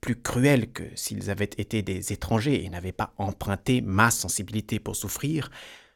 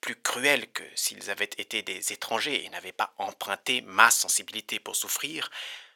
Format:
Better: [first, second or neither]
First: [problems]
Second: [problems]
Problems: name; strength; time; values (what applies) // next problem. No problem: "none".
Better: first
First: none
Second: thin; very; fading below 700 Hz